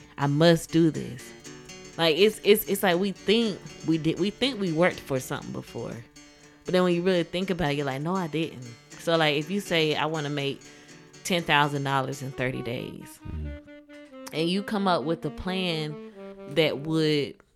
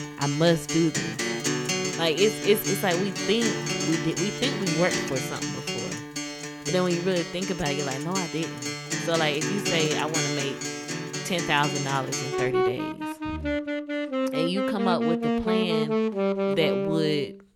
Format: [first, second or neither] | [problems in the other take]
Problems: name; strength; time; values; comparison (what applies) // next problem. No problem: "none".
first | background music; loud; throughout; 1 dB below the speech; faint in the first